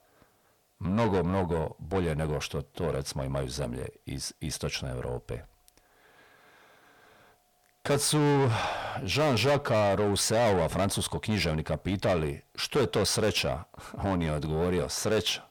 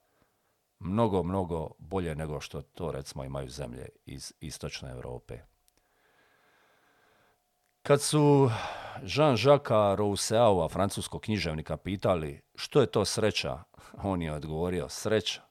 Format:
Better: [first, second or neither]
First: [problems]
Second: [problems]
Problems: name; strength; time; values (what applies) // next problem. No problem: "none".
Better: second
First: distortion; heavy; 6 dB below the speech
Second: none